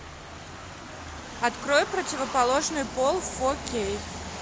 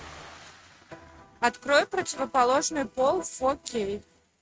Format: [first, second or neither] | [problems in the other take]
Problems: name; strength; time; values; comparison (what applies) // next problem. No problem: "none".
first | noise reduction (neural mask model RNNoise)